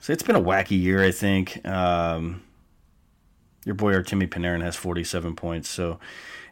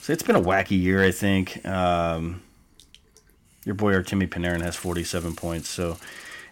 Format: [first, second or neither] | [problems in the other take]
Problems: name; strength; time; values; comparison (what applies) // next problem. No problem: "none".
first | hiss; faint; throughout; 25 dB below the speech